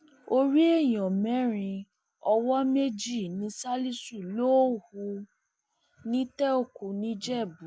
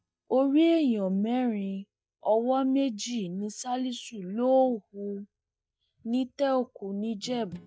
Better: first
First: none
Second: noise reduction (neural mask model DeepFilterNet 3)

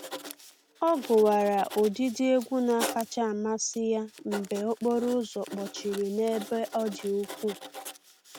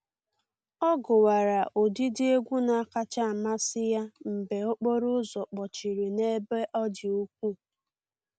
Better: second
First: background sound (Writing); 14 dB below the speech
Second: none

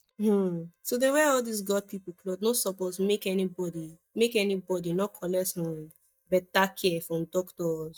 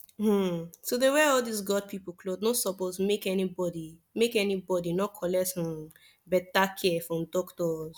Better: second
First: noise reduction (neural mask model DeepFilterNet 3)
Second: none

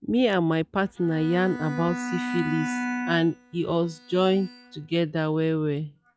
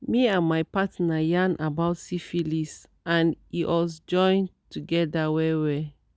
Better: second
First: noise reduction (classical method log-MMSE)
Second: none

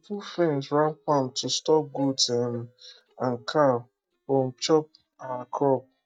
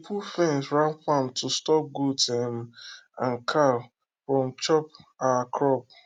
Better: second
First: noise reduction (neural mask model DeepFilterNet 3)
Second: none

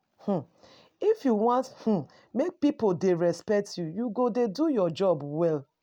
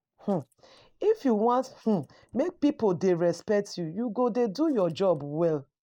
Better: first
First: none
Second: noise reduction (neural mask model Resemble Enhance denoiser)

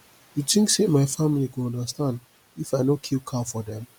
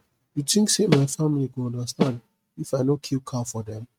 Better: first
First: none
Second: noise reduction (neural mask model RNNoise)

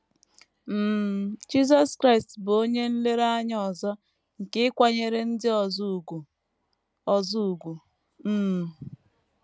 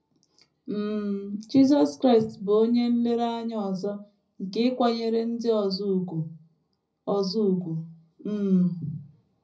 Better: first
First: none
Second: room echo; dies away in 0.4 s

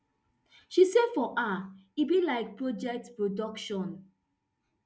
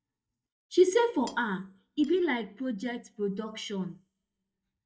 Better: first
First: none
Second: noise reduction (neural mask model DeepFilterNet 3)

